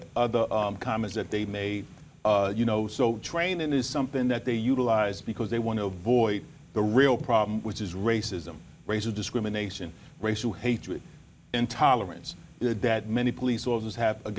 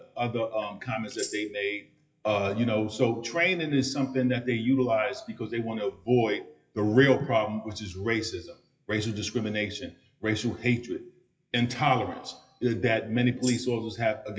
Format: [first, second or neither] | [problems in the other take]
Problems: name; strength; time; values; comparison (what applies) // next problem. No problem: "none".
first | noise reduction (classical method WPE with log-MMSE)